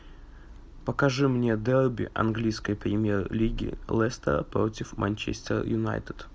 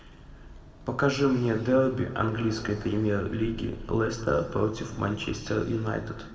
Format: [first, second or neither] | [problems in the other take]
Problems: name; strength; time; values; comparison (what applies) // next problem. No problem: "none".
first | background sound (Motorcycle); 19 dB below the speech // room echo; dies away in 1.6 s